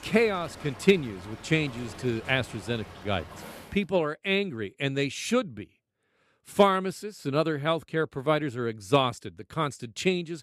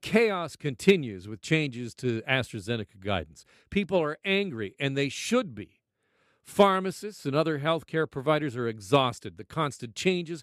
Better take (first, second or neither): second